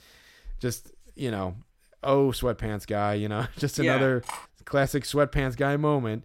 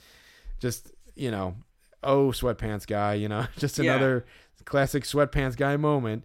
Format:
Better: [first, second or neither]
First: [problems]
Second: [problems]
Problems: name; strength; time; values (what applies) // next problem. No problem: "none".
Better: second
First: clattering dishes; faint; at 4.5 s; peak 10 dB below the speech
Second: none